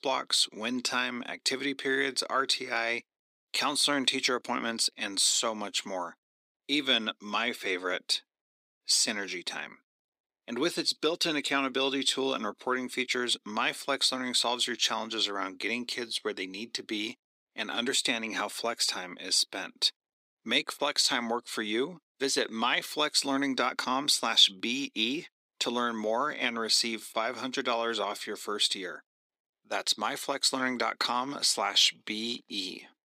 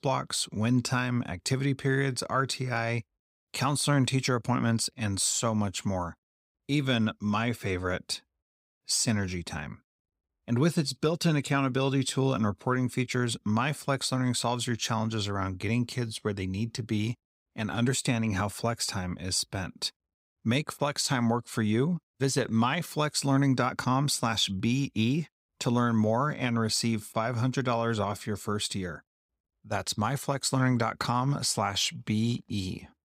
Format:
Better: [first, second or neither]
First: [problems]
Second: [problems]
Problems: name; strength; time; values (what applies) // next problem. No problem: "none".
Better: second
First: thin; somewhat; fading below 300 Hz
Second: none